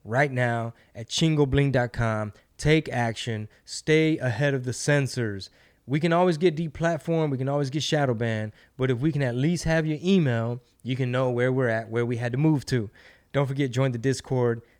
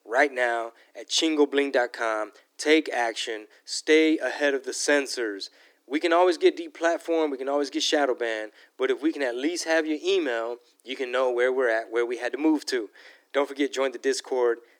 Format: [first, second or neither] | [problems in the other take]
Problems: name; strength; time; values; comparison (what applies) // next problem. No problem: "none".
first | thin; somewhat; fading below 300 Hz